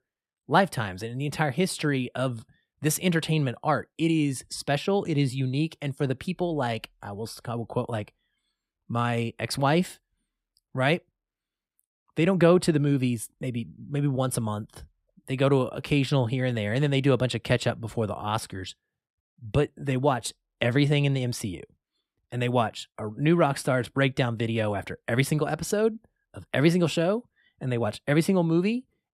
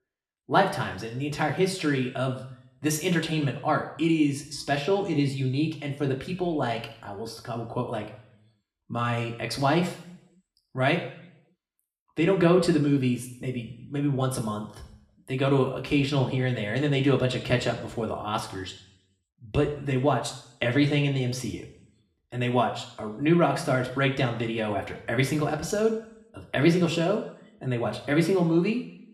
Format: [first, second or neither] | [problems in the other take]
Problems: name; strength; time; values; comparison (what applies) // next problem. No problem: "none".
first | room echo; slight; dies away in 0.7 s // off-mic speech; somewhat distant